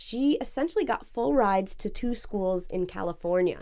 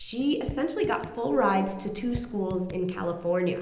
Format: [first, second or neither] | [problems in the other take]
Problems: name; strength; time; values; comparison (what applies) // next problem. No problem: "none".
first | background sound (Raindrop / Drip); 14 dB below the speech // room echo; dies away in 0.9 s